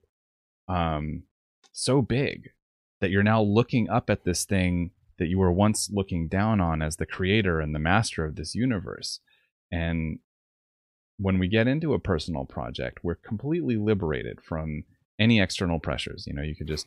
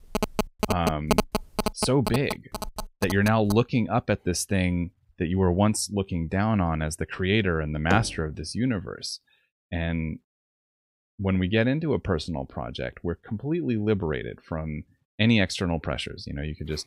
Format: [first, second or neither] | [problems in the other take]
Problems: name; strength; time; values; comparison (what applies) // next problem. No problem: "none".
first | phone ringing; loud; until 3.5 s; peak 1 dB above the speech // door banging; noticeable; at 8 s; peak 5 dB below the speech